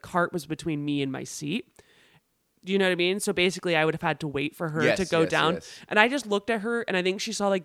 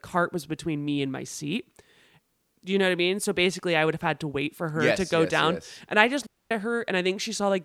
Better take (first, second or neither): first